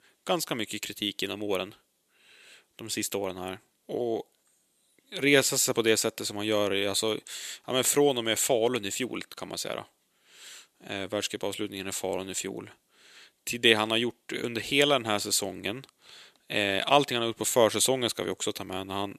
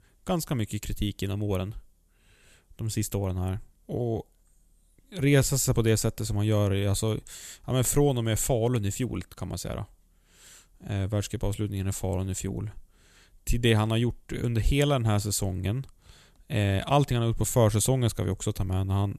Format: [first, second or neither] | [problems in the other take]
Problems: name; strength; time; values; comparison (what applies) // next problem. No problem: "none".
second | thin; somewhat; fading below 350 Hz